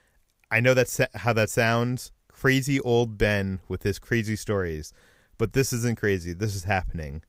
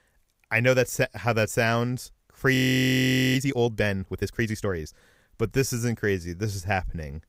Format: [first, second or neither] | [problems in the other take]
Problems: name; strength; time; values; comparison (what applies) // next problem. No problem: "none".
first | audio freezing; at 2.5 s for 1 s